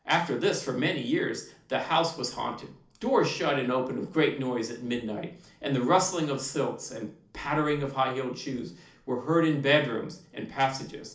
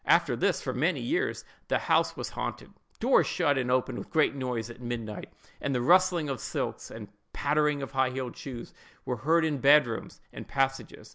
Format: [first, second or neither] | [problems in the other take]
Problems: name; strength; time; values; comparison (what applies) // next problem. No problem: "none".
second | room echo; dies away in 0.4 s